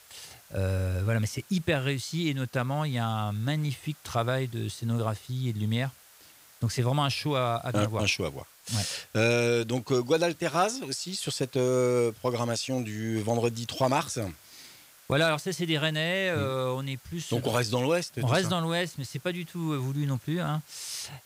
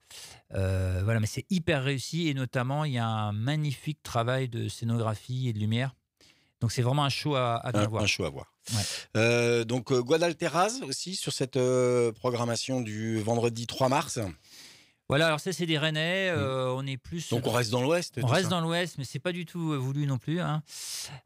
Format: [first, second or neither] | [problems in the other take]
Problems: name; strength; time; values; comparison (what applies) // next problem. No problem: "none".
second | hiss; faint; throughout; 25 dB below the speech